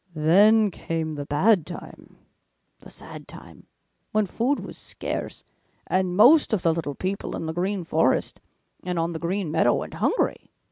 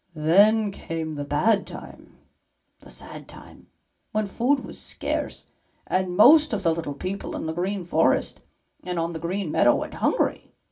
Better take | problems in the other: first | room echo; dies away in 0.2 s

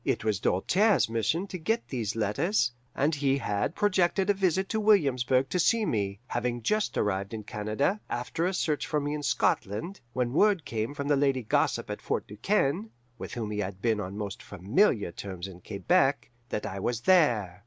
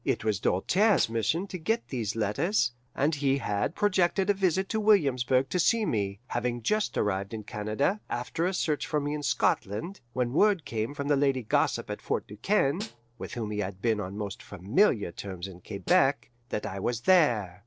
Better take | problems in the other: first | noise reduction (neural separator model SepFormer DNS4)

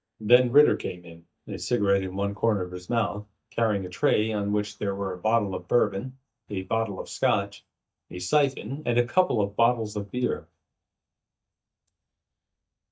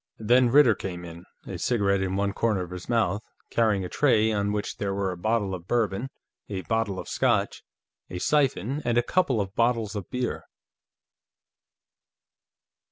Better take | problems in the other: second | noise reduction (neural mask model DeepFilterNet 3)

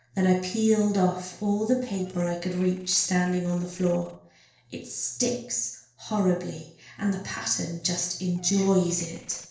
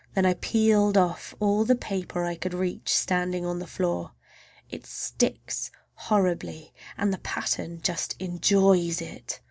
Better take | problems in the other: second | noise reduction (neural separator model SepFormer DNS4)

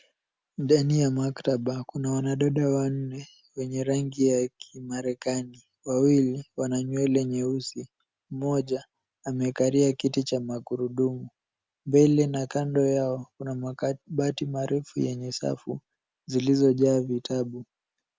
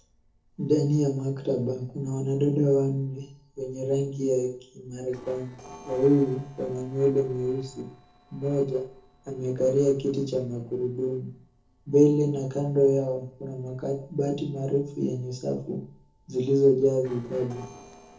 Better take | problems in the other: first | noise reduction (neural separator model SepFormer DNS4)

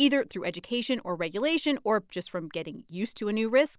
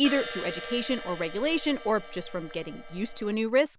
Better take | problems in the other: first | background sound (Crash cymbal); 11 dB below the speech

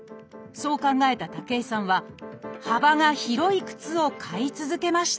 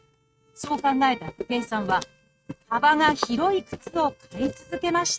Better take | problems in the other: first | noise reduction (neural mask model RNNoise)

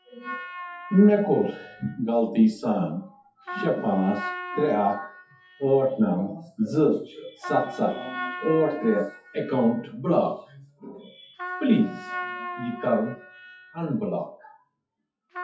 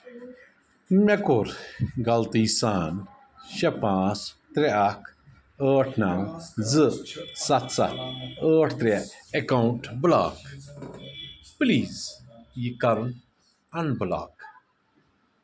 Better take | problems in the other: second | noise reduction (classical method WPE with log-MMSE)

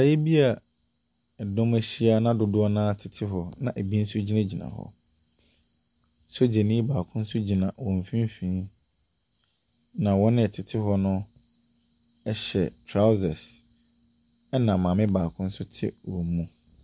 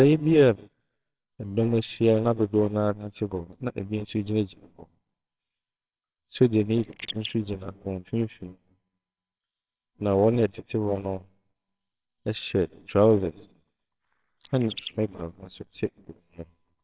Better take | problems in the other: first | noise reduction (neural separator model SepFormer WHAMR!)

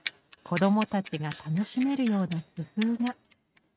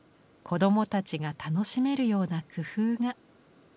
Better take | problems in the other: second | noise reduction (neural mask model RNNoise)

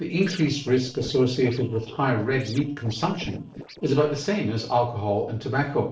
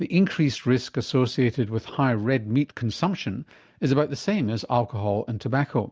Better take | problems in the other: second | noise reduction (neural separator model SepFormer DNS4)

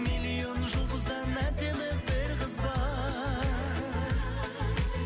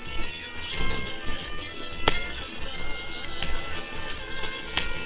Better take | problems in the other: first | noise reduction (neural separator model SepFormer WHAMR!)

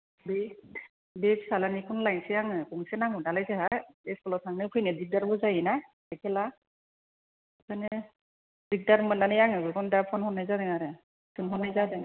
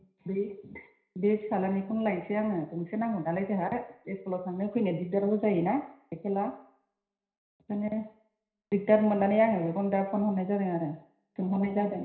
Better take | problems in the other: first | room echo; dies away in 0.5 s

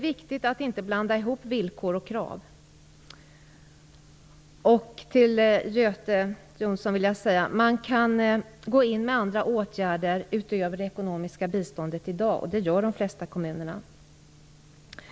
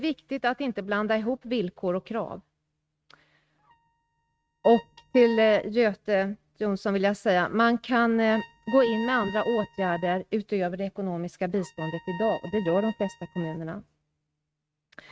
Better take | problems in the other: first | noise reduction (neural mask model RNNoise)

